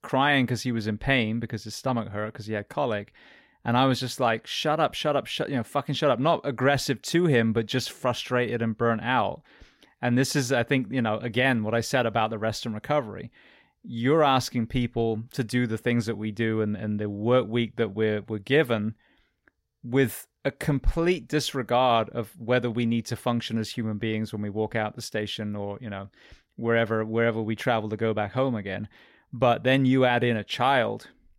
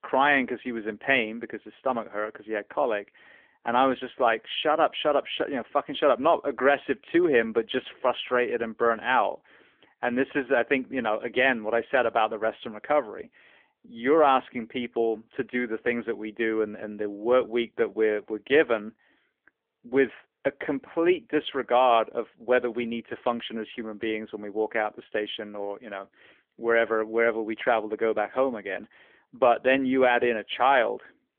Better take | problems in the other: first | phone-call audio; nothing above 3.5 kHz

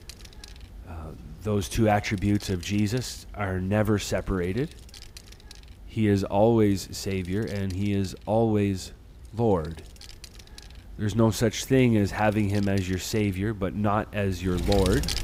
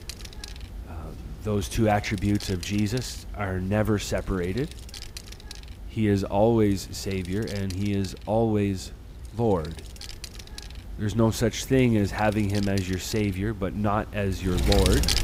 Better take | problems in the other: first | wind noise on the microphone; heavy; 9 dB below the speech; occasional gusts in the first

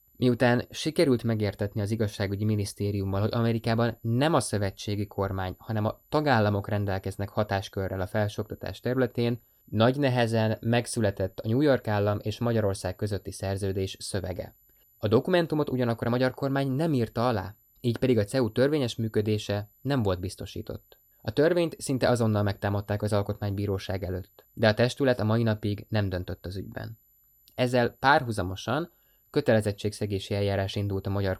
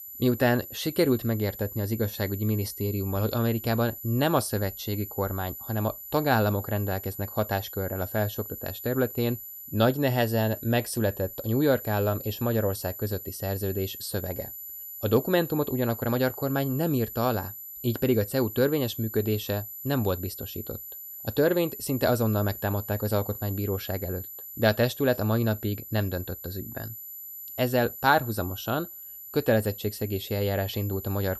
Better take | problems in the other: first | high-pitched whine; loud; throughout; 12 kHz, 10 dB below the speech; faint in the first

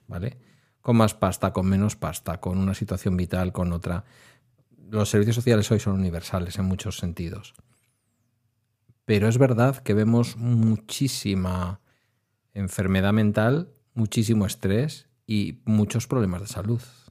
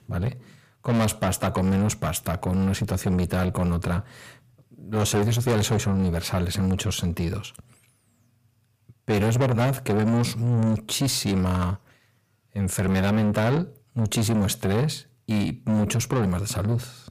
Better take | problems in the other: first | distortion; heavy; 6 dB below the speech

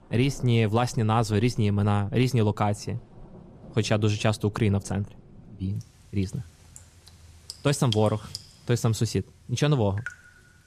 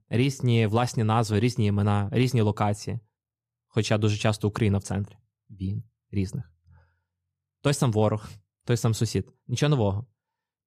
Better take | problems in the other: second | rain or running water; noticeable; throughout; 20 dB below the speech

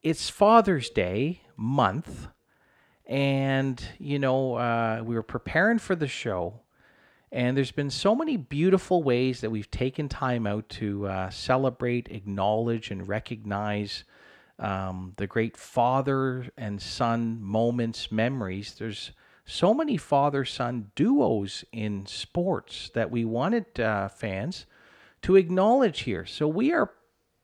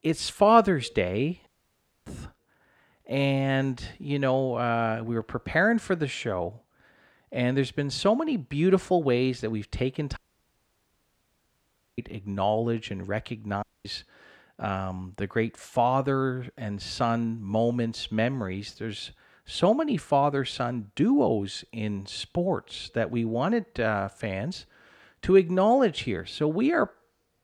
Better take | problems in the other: first | audio cutting out; at 1.5 s for 0.5 s, at 10 s for 2 s and at 14 s

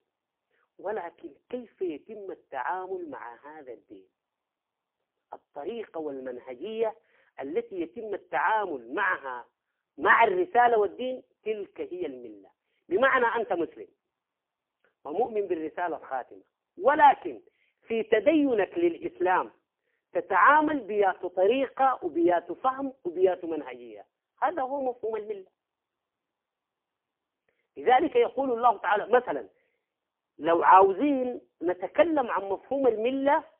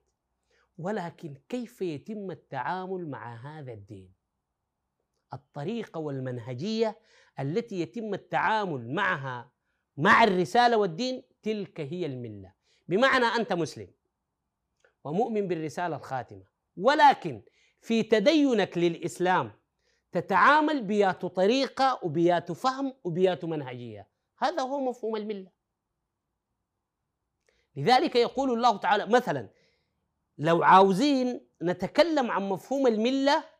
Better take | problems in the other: second | phone-call audio; poor line; nothing above 3.5 kHz

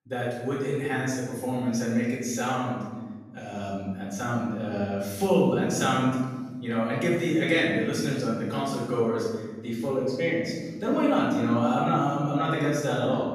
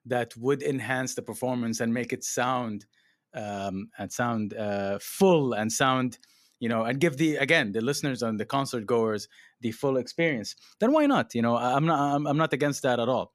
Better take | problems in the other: second | off-mic speech; far // room echo; noticeable; dies away in 1.5 s

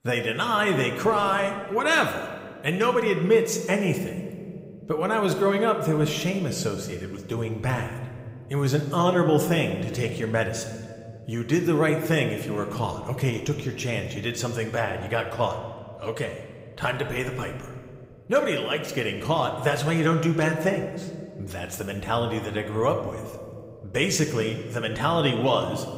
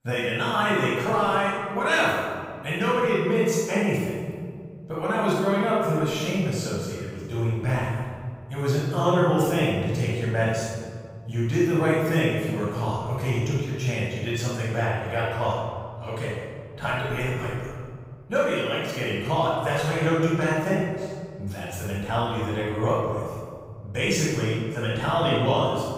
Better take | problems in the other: first | room echo; strong; dies away in 1.8 s; slight in the first // off-mic speech; far

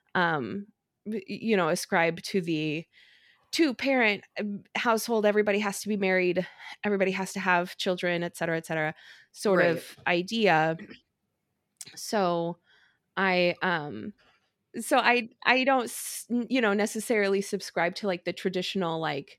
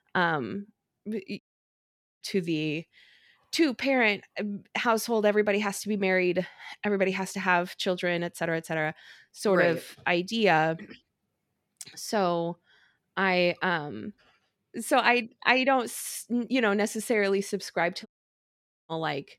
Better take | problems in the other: first | audio cutting out; at 1.5 s for 1 s and at 18 s for 1 s

